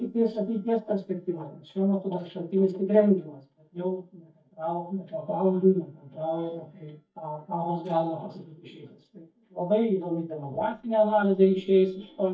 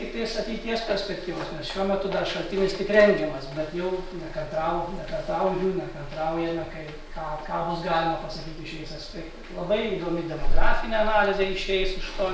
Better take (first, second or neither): second